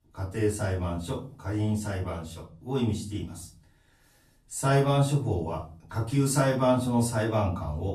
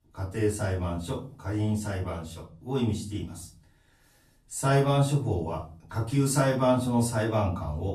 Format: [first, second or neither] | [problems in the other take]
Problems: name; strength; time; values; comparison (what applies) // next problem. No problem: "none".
neither | off-mic speech; far; the same in both // room echo; slight; dies away in 0.4 s; the same in both